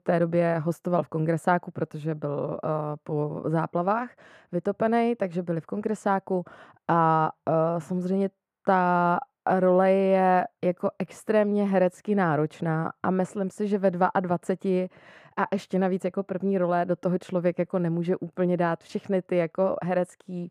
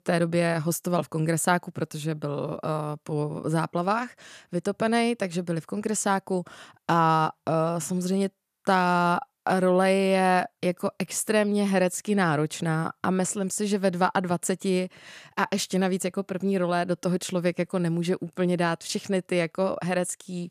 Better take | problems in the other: second | muffled; very; fading above 3 kHz

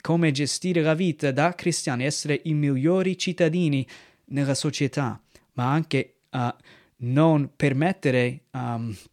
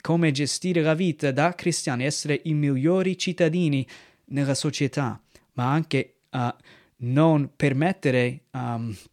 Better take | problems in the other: neither | none

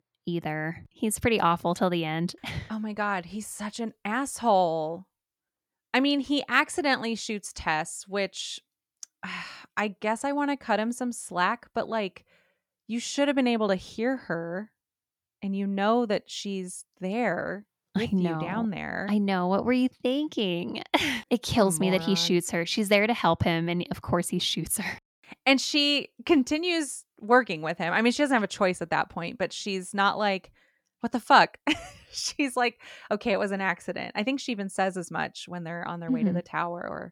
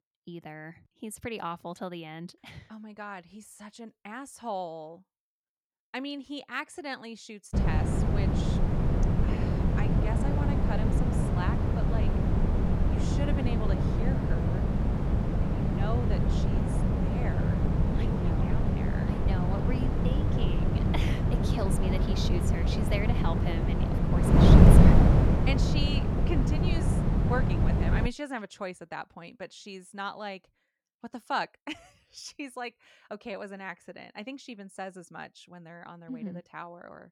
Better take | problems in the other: first | wind noise on the microphone; heavy; from 7.5 to 28 s; 4 dB above the speech

